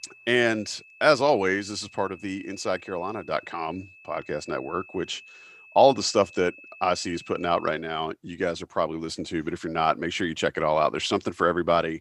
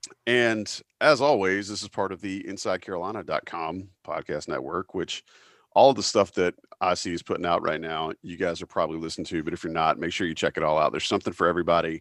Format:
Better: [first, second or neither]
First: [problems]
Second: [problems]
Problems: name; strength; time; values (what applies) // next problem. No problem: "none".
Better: second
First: high-pitched whine; faint; until 7.5 s; 2.5 kHz, 20 dB below the speech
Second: none